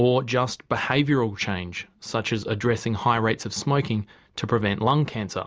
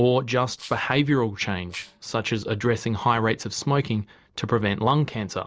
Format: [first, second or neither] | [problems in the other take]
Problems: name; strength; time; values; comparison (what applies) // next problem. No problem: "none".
first | noise reduction (neural separator model SepFormer DNS4)